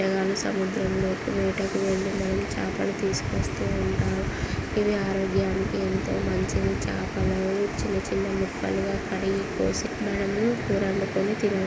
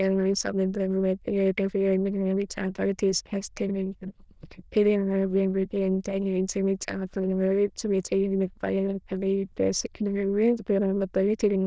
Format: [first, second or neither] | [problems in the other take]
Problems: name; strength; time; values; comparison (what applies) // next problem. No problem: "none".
first | noise reduction (neural diffusion model UNIVERSE++)